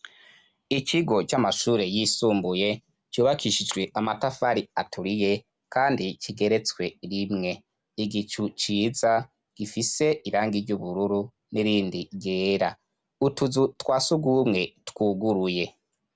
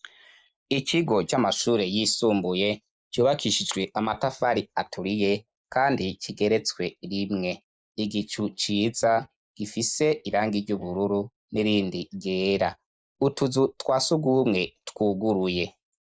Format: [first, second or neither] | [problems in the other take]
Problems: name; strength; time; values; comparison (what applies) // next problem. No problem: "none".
first | noise reduction (neural mask model Resemble Enhance denoiser)